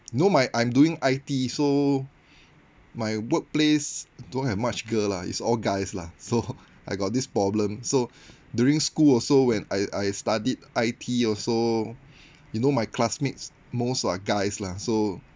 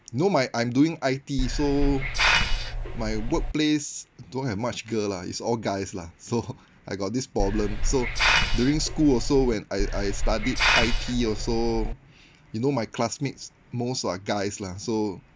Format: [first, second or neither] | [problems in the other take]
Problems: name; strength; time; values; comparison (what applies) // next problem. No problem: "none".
first | background sound (Hiss); 2 dB above the speech